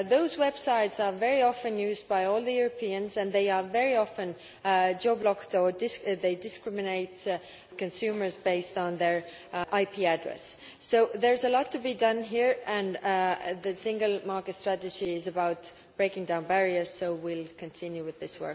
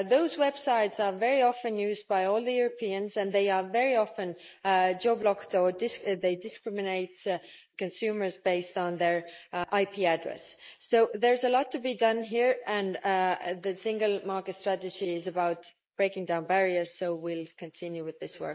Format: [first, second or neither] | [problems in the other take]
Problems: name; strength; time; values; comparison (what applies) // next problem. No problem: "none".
first | noise reduction (neural mask model Resemble Enhance denoiser)